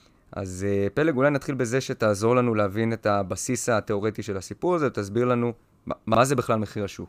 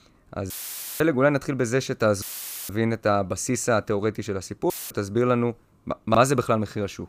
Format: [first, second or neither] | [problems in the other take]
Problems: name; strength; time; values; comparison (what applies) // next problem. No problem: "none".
first | audio cutting out; filled with static; at 0.5 s for 0.5 s, at 2 s and at 4.5 s